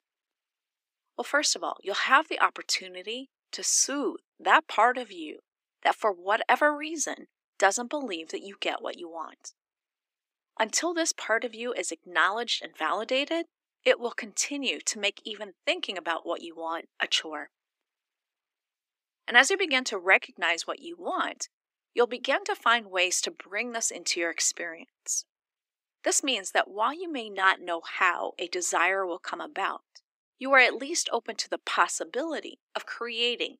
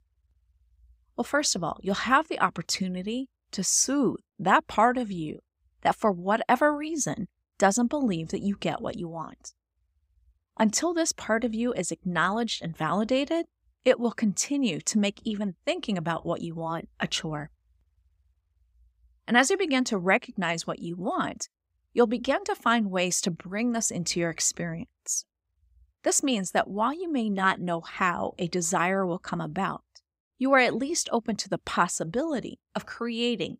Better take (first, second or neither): second